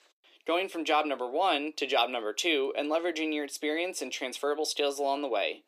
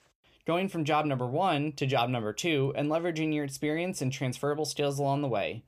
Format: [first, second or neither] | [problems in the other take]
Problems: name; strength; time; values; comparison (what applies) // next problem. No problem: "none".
second | thin; somewhat; fading below 300 Hz